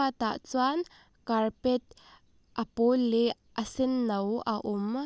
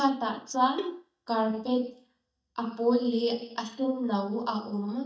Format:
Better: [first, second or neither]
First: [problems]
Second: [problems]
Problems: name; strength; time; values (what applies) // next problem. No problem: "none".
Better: first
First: none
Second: noise reduction (neural mask model DeepFilterNet 3)